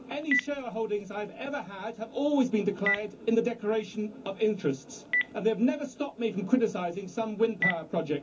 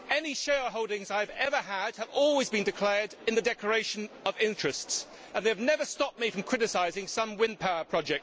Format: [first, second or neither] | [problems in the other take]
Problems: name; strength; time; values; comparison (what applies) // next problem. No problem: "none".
second | background sound (Telephone); 8 dB below the speech // room echo; dies away in 0.3 s